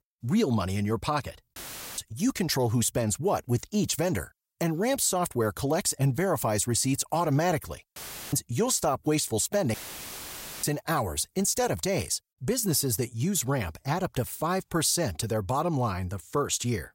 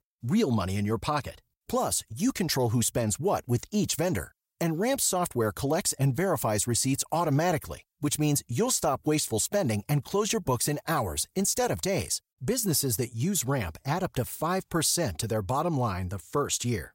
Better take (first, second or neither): second